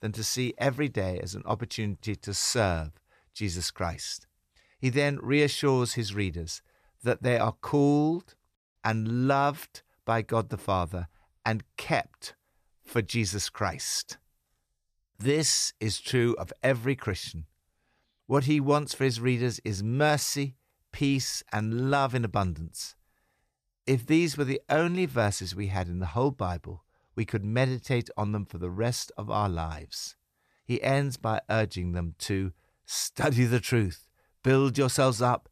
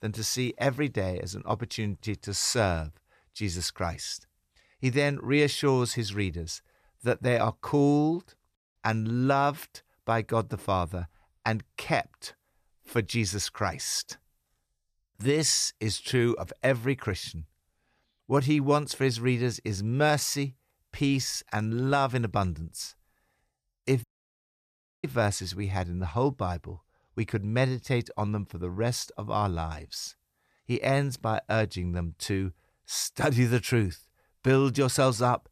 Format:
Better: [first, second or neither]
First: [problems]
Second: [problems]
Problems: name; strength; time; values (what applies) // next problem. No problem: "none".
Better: first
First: none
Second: audio cutting out; at 24 s for 1 s